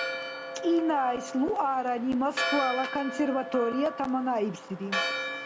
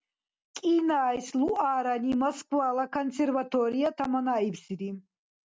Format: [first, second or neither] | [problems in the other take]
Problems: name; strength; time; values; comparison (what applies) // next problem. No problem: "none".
second | background sound (Church bell); 6 dB below the speech